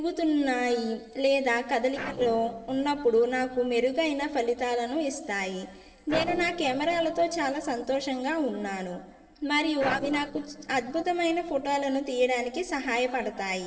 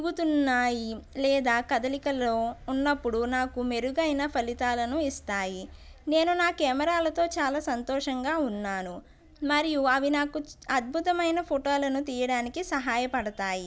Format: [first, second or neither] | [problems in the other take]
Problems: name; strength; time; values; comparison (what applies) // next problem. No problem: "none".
second | noise reduction (neural separator model SepFormer DNS4)